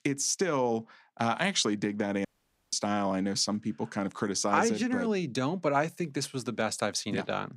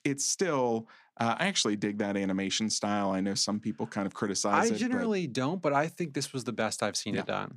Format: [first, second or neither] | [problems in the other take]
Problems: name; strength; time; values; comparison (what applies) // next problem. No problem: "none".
second | audio cutting out; at 2.5 s